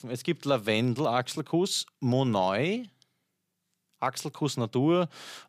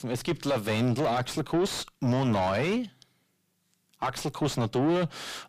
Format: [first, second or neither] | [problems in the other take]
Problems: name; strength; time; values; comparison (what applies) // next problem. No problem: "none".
first | distortion; heavy; 5 dB below the speech